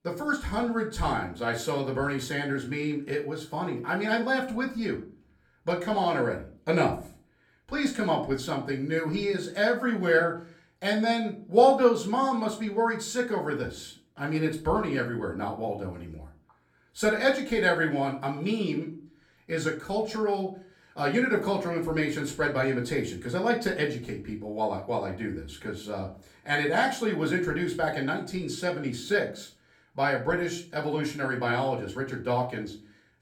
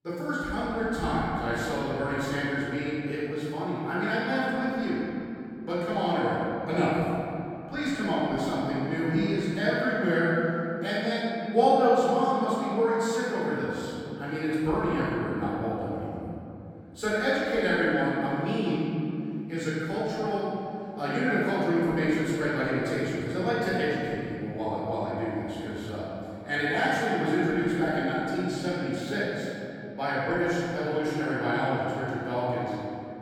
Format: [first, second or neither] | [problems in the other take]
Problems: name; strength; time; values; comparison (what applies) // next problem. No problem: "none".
first | room echo; strong; dies away in 3 s; slight in the first // off-mic speech; far; far in the first